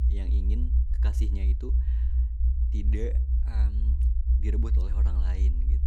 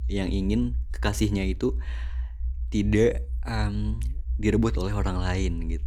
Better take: second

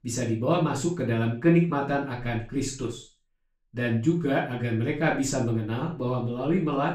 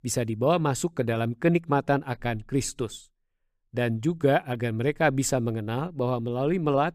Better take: second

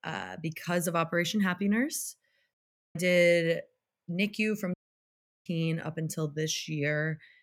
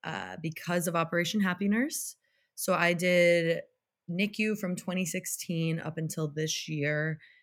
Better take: second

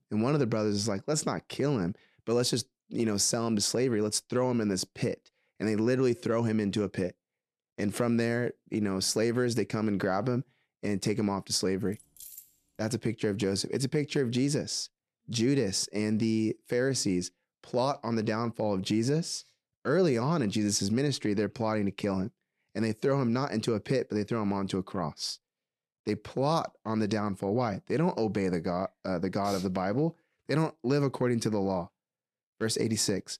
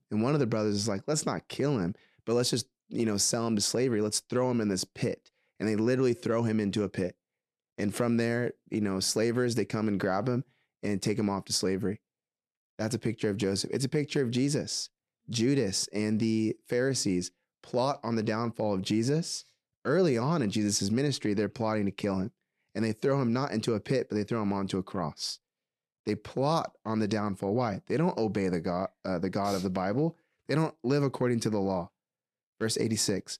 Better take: second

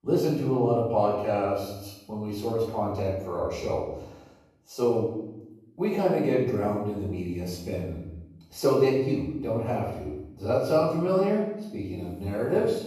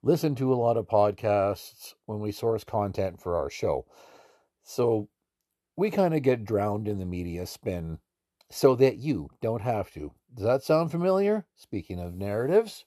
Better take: second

